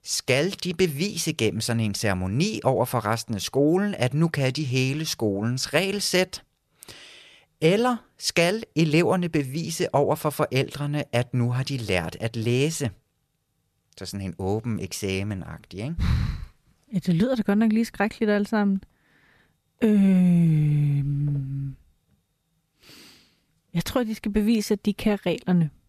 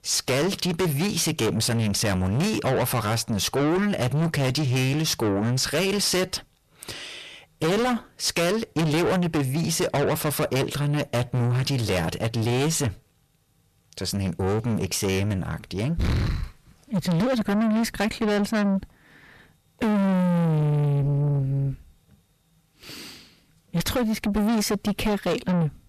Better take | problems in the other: first | distortion; heavy; 6 dB below the speech

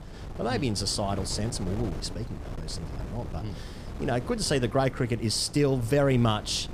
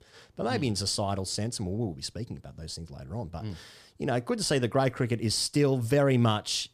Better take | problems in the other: second | wind noise on the microphone; occasional gusts; 15 dB below the speech

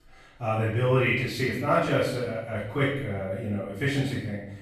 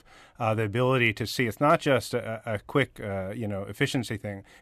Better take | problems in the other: second | off-mic speech; far // room echo; noticeable; dies away in 0.7 s

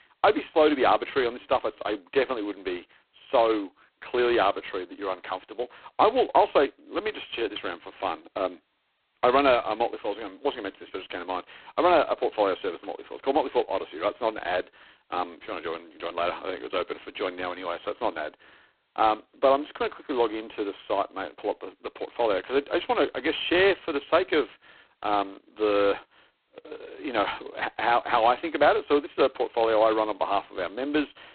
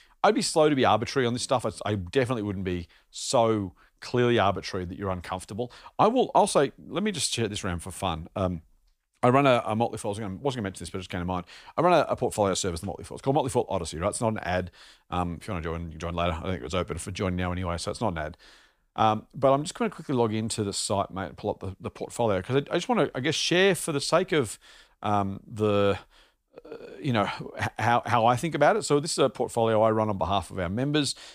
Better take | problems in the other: second | phone-call audio; poor line; nothing above 4 kHz

